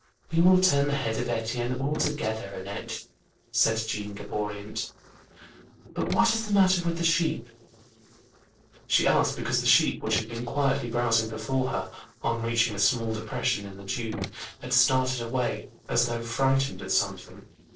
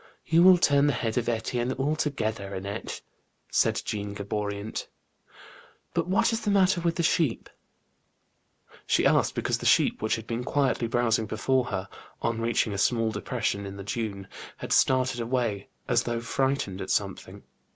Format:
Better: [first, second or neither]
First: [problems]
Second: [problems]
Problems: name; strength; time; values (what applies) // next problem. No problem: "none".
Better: second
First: noise reduction (neural separator model SepFormer DNS4)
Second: none